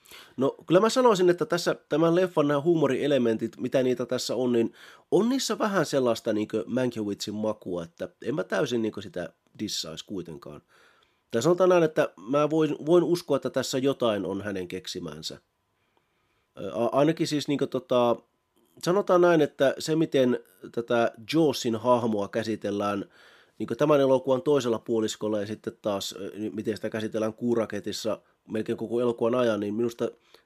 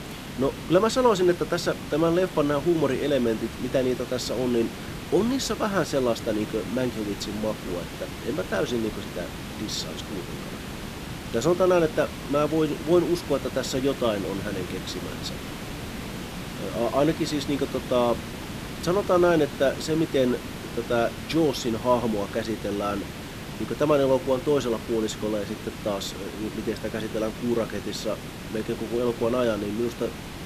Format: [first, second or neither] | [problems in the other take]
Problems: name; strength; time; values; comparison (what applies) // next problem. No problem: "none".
first | hiss; loud; throughout; 10 dB below the speech